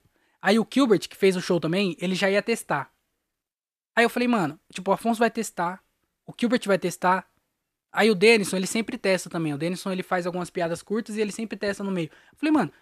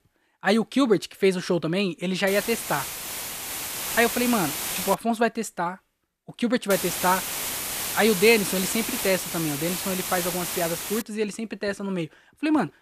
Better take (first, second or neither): first